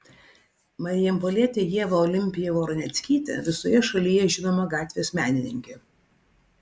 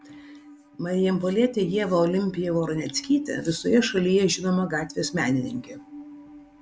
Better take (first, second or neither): first